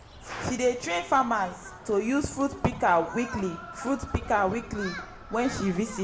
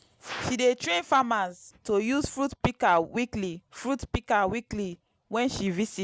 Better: second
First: background sound (Human group actions); 14 dB below the speech // room echo; dies away in 0.6 s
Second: none

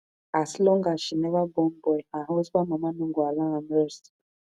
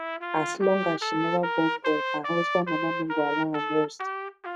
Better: first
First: none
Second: background sound (Trumpet); 2 dB below the speech

